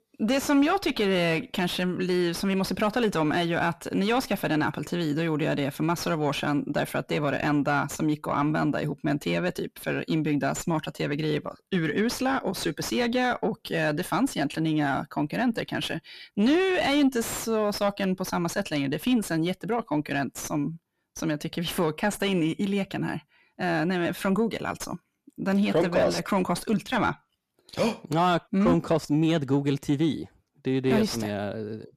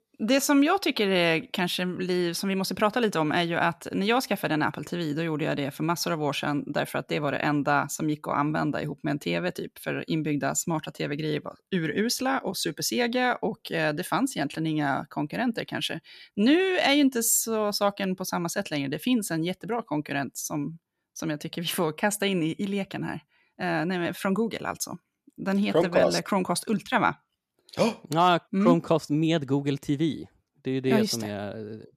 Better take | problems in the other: second | distortion; slight; 10 dB below the speech

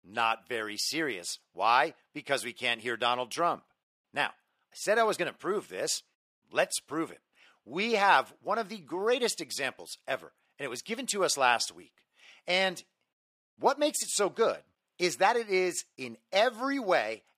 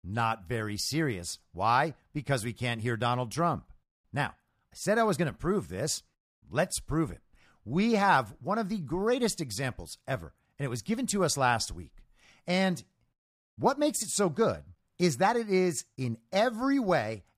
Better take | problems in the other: second | thin; somewhat; fading below 400 Hz

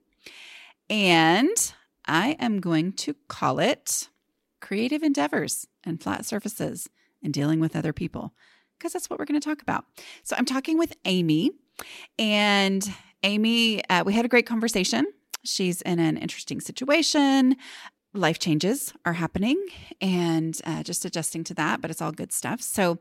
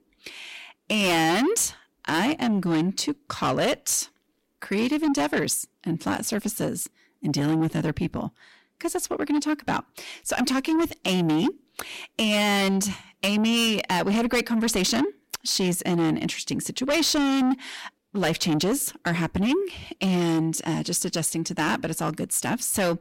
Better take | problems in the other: first | distortion; heavy; 7 dB below the speech

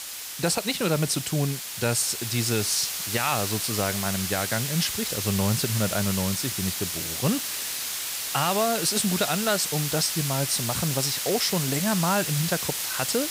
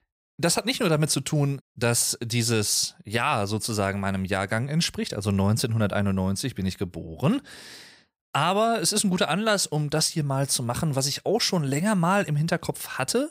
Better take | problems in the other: second | hiss; loud; throughout; 2 dB below the speech

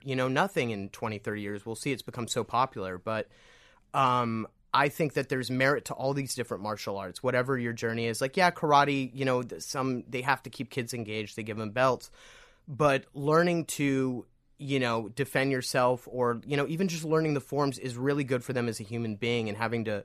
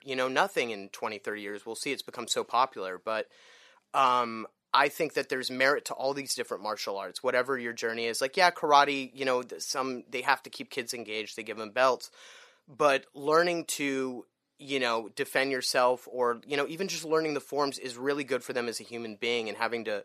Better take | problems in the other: first | thin; somewhat; fading below 350 Hz

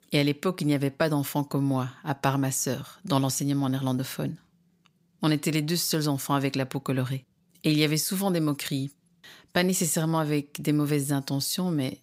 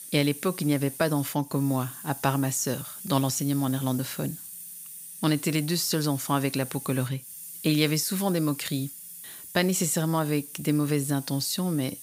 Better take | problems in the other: first | hiss; noticeable; throughout; 10 dB below the speech

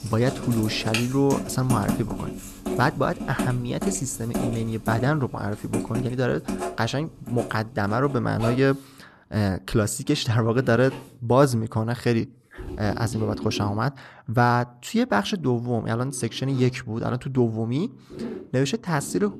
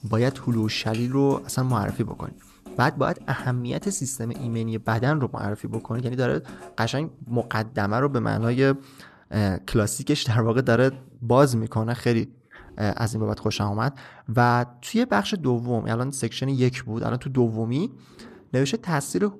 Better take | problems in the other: second | household noises; loud; throughout; 8 dB below the speech; faint in the second

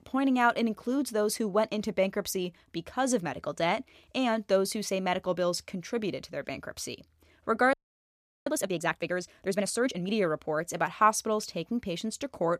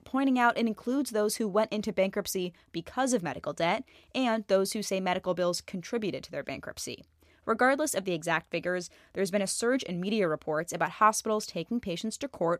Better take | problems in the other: second | audio freezing; at 7.5 s for 0.5 s

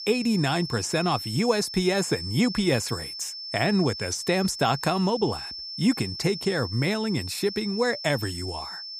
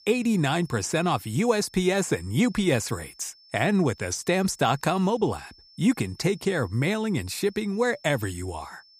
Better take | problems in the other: second | high-pitched whine; loud; throughout; 5.5 kHz, 8 dB below the speech; faint in the second

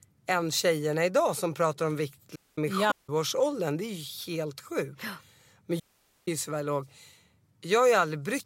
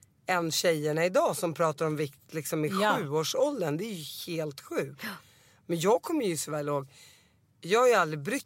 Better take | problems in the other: second | audio cutting out; at 2.5 s, at 3 s and at 6 s

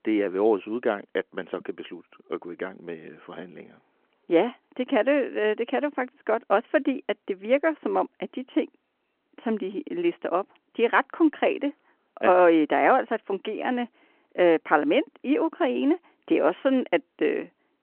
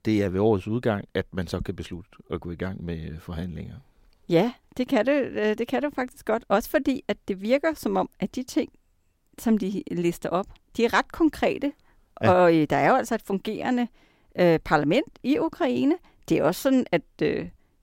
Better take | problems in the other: second | phone-call audio

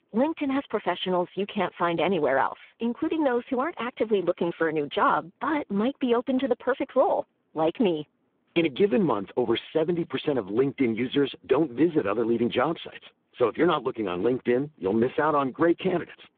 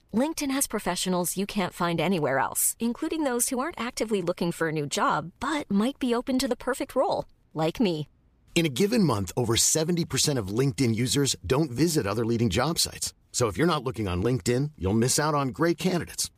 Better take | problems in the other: second | phone-call audio; poor line

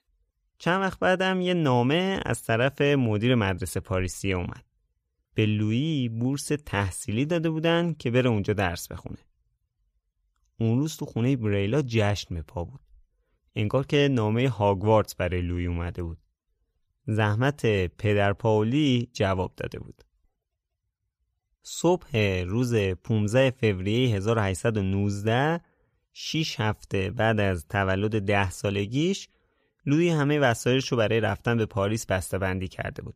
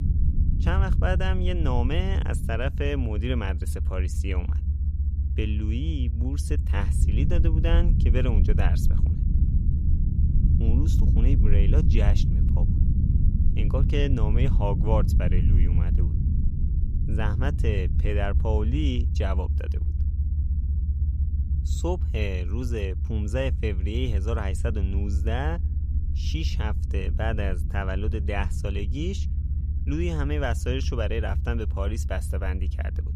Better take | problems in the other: first | low rumble; loud; throughout; 8 dB below the speech

